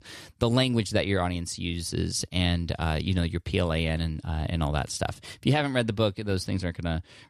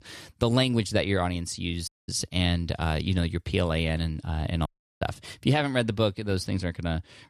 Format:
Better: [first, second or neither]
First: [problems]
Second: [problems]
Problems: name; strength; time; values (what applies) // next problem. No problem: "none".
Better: first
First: none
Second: audio cutting out; at 2 s and at 4.5 s